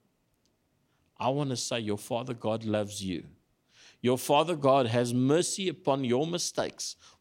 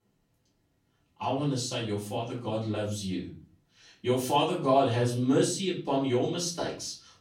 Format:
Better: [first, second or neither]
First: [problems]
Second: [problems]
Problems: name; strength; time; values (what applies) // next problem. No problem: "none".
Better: first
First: none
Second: off-mic speech; far // room echo; slight; dies away in 0.4 s